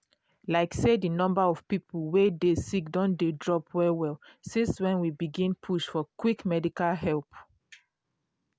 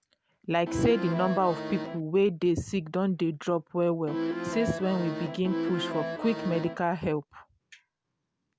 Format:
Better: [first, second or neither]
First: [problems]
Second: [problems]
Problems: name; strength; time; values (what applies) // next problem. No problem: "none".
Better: first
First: none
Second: background sound (Accordion); 4 dB below the speech